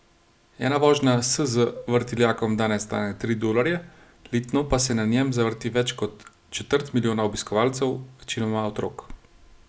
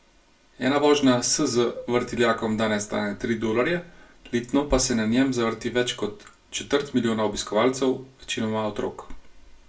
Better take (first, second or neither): first